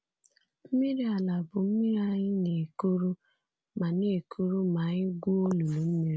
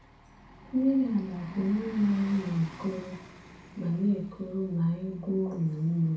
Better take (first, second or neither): first